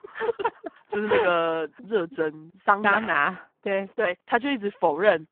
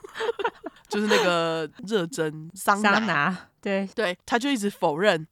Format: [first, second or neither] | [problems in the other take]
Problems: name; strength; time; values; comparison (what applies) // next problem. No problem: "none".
second | phone-call audio; poor line